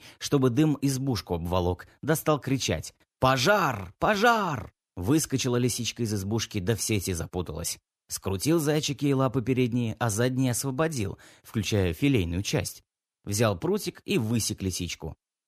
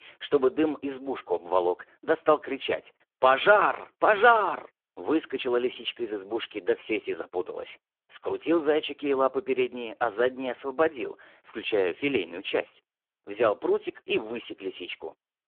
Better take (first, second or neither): first